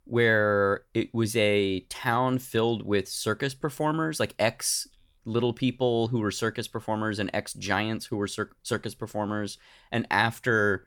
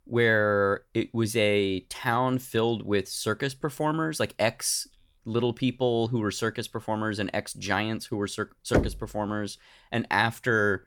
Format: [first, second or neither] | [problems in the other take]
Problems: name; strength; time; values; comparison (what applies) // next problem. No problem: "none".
first | door banging; loud; at 8.5 s; peak level with the speech